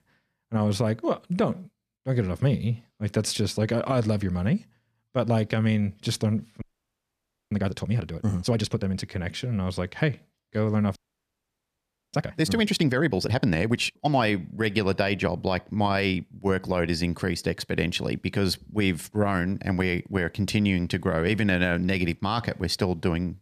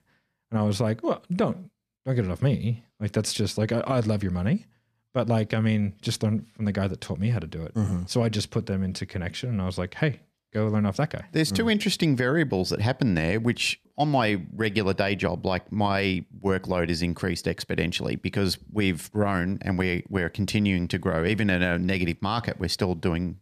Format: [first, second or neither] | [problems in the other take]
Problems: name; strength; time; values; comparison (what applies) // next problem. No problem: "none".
second | audio freezing; at 6.5 s for 1 s and at 11 s for 1 s